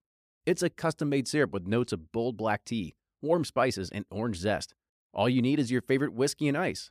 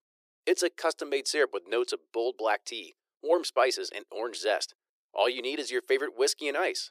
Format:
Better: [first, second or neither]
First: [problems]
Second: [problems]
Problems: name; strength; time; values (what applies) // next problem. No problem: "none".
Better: first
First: none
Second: thin; very; fading below 350 Hz